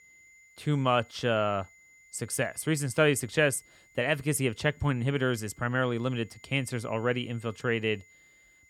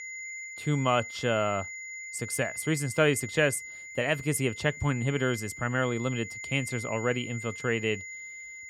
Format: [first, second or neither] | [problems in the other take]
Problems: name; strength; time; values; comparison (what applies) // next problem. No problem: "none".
first | high-pitched whine; loud; throughout; 2 kHz, 10 dB below the speech; faint in the first